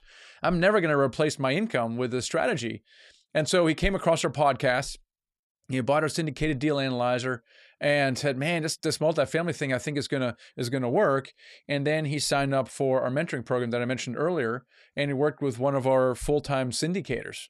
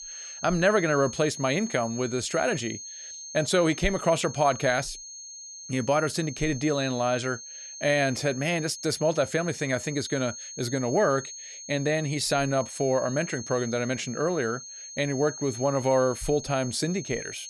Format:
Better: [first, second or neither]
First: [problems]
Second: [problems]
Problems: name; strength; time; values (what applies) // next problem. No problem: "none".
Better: first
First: none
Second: high-pitched whine; noticeable; throughout; 6.5 kHz, 10 dB below the speech